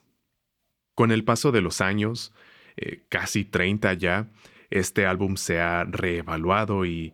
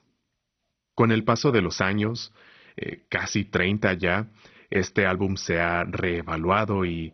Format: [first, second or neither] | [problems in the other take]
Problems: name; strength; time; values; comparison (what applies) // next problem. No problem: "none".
first | garbled, watery; badly; nothing above 6 kHz